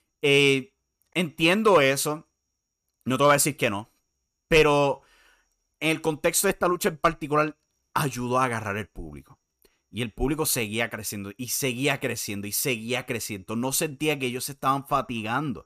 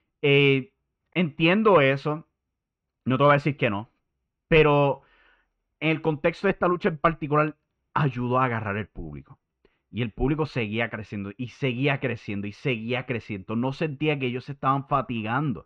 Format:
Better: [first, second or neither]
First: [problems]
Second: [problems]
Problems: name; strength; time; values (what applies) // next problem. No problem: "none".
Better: first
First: none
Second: muffled; very; fading above 3 kHz